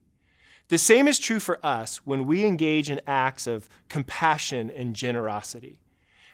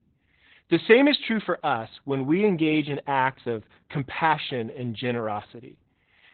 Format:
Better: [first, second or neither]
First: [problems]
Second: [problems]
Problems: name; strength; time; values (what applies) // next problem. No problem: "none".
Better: first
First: garbled, watery; slightly; nothing above 16.5 kHz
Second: garbled, watery; badly; nothing above 4 kHz